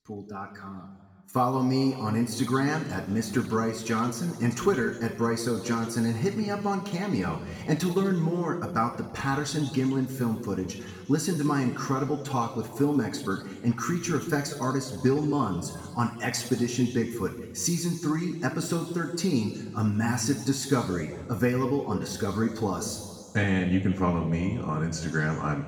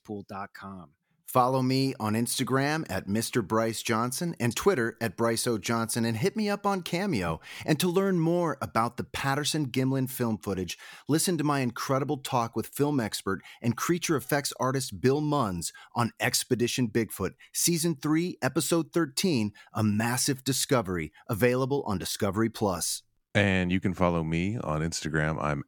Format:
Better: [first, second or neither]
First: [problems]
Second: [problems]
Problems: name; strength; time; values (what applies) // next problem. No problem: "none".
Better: second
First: room echo; noticeable; dies away in 1.5 s // off-mic speech; somewhat distant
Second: none